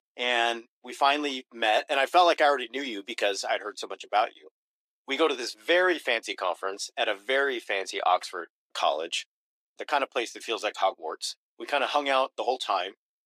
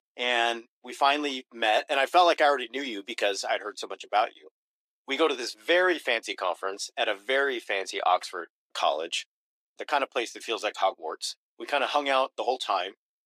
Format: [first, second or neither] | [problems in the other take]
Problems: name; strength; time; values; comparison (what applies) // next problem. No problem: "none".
neither | thin; very; fading below 350 Hz; the same in both